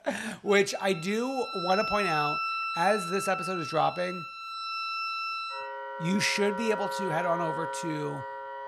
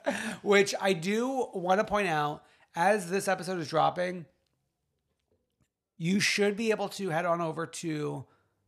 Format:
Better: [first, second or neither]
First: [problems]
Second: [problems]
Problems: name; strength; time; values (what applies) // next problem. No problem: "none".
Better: second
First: background music; loud; throughout; 4 dB below the speech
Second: none